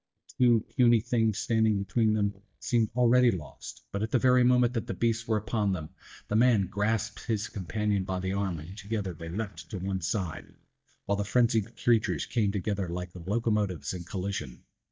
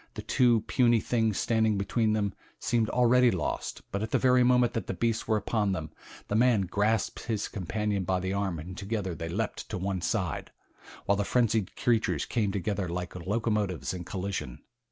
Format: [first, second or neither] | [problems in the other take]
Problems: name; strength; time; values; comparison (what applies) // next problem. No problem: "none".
second | noise reduction (neural mask model DeepFilterNet 3)